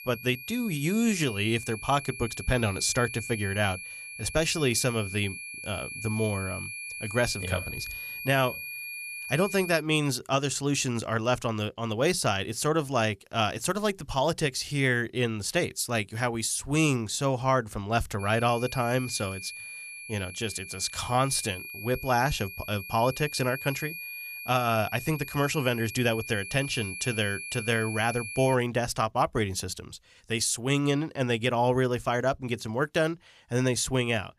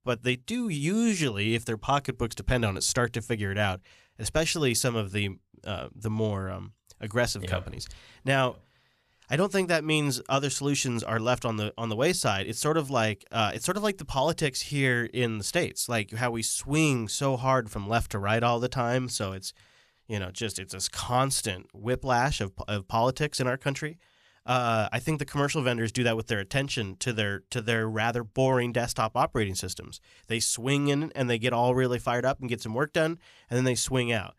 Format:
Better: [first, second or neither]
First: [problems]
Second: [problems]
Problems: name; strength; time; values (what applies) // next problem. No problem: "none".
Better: second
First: high-pitched whine; loud; until 10 s and from 18 to 29 s; 2.5 kHz, 9 dB below the speech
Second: none